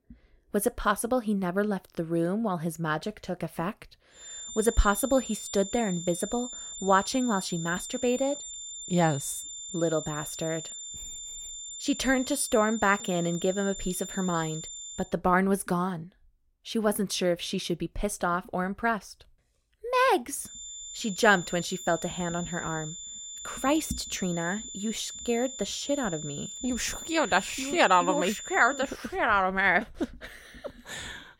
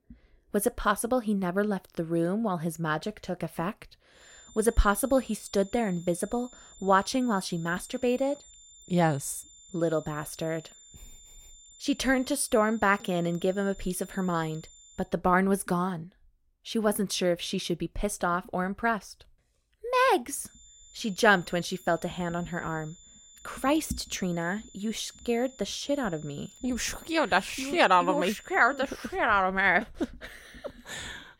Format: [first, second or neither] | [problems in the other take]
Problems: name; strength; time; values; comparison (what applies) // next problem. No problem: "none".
second | high-pitched whine; loud; from 4 to 15 s and from 20 to 29 s; 7 kHz, 9 dB below the speech; faint in the second